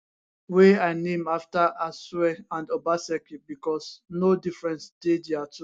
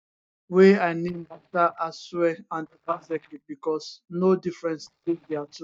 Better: first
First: none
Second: noise reduction (neural mask model DeepFilterNet 3)

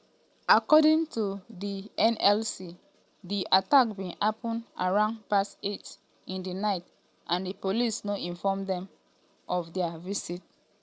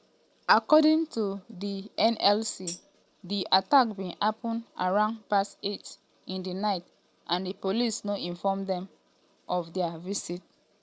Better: first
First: none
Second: background sound (Tambourine); 16 dB below the speech

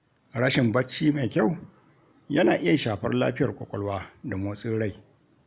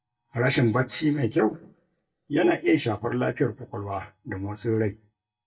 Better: first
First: none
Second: noise reduction (neural mask model DeepFilterNet 3)

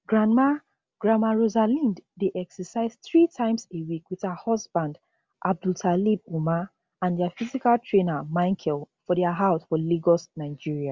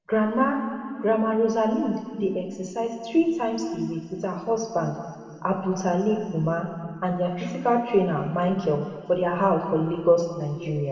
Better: first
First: none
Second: room echo; dies away in 2.1 s

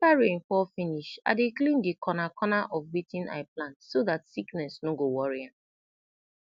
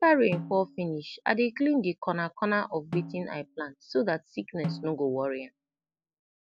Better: first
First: none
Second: background sound (Snare drum); 11 dB below the speech

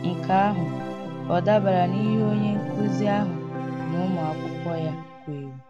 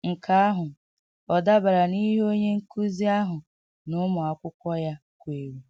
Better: second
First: background sound (Organ); 4 dB below the speech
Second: none

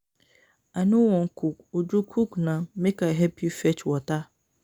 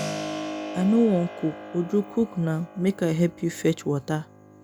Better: first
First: none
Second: background sound (Keyboard (musical)); 11 dB below the speech

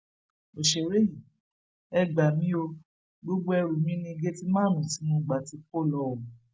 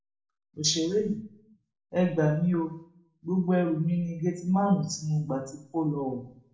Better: first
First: none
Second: room echo; dies away in 0.5 s

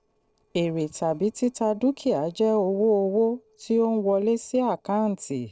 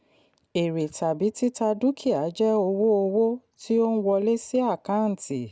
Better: second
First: noise reduction (neural separator model SepFormer DNS4)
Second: none

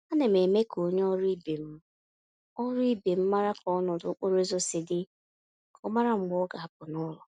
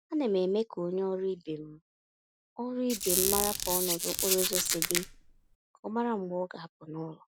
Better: first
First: none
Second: background sound (Squeak); 2 dB above the speech

